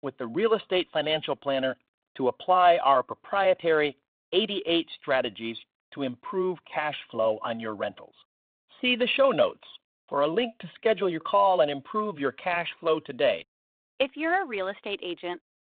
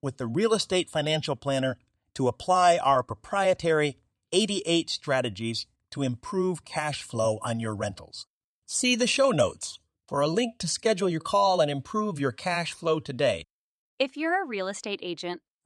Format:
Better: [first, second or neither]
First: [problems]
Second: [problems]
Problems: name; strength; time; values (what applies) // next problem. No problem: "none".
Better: second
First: phone-call audio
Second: none